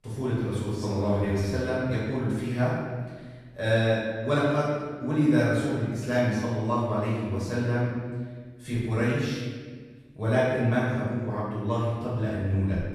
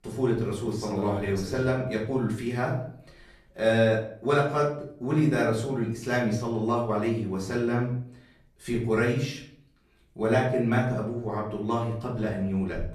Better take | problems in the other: second | room echo; strong; dies away in 1.4 s; slight in the second // off-mic speech; far; far in the second

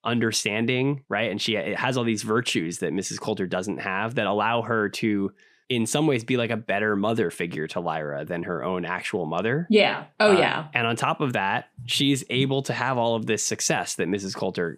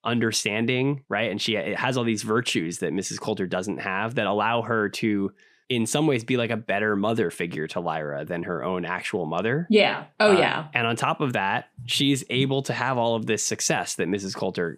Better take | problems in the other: neither | none

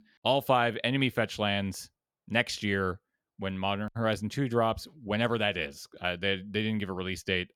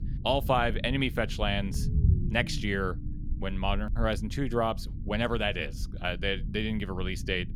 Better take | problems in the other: first | low rumble; noticeable; throughout; 20 dB below the speech

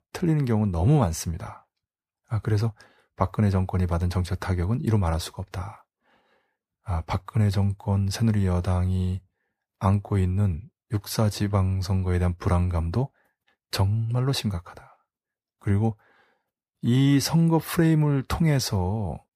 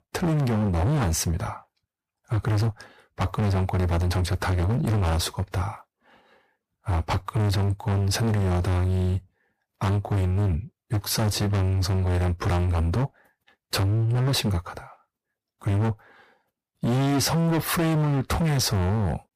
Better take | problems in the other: first | distortion; heavy; 30% of the sound clipped

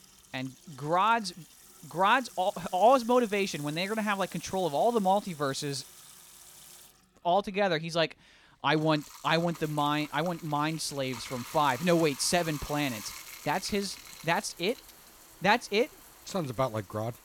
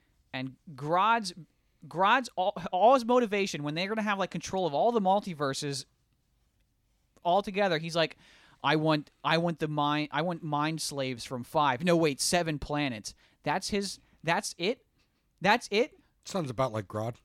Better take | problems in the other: second | household noises; noticeable; throughout; 15 dB below the speech

